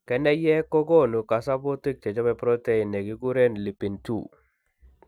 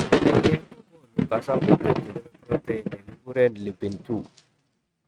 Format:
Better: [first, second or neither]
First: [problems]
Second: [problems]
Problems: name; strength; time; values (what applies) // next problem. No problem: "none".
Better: first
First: none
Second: noise reduction (neural mask model RNNoise)